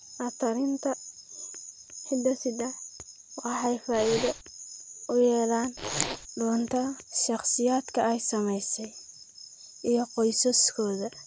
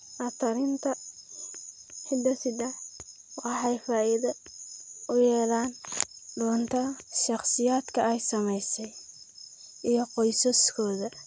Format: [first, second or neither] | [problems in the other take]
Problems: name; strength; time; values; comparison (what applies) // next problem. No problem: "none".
second | background sound (Zipper (clothing)); 6 dB below the speech